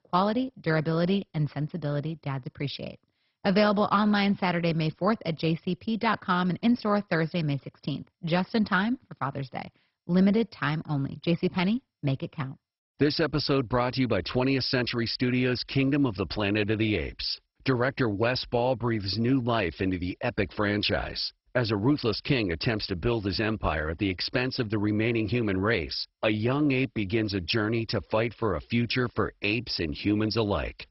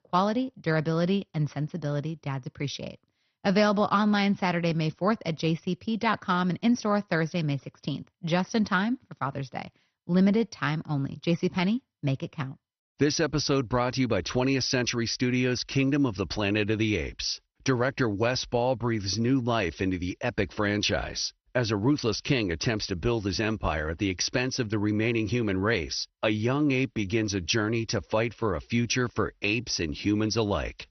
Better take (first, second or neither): second